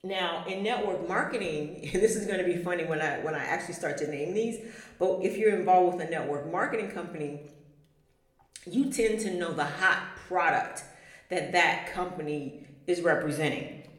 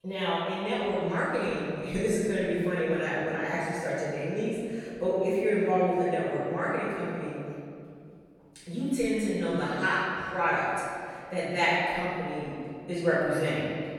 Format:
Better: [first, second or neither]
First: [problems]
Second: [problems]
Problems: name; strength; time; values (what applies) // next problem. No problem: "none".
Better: first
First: room echo; slight; dies away in 0.7 s // off-mic speech; somewhat distant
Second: room echo; strong; dies away in 2.2 s // off-mic speech; far